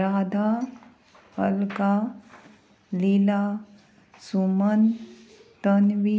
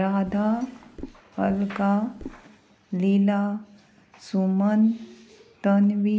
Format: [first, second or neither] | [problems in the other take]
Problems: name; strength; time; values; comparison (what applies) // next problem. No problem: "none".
first | background sound (Drawer open or close); 19 dB below the speech